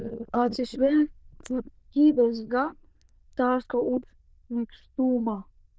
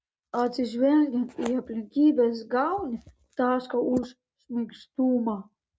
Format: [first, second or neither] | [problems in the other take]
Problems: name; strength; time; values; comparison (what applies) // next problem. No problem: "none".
second | noise reduction (neural diffusion model UNIVERSE++)